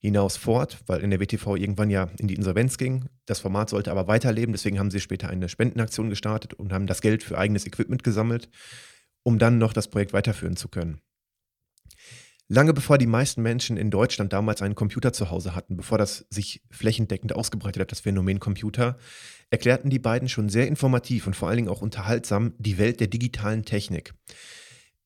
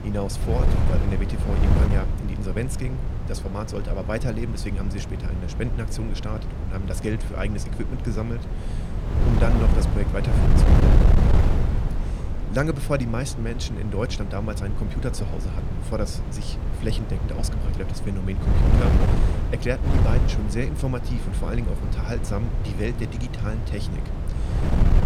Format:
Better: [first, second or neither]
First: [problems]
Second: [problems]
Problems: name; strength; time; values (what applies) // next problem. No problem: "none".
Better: first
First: none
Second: wind noise on the microphone; heavy; 2 dB below the speech